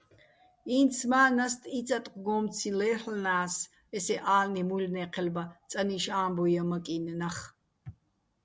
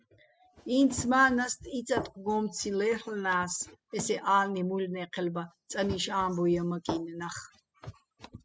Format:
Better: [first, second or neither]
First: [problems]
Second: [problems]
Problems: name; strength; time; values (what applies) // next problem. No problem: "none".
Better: first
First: none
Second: noise reduction (classical method spectral subtraction)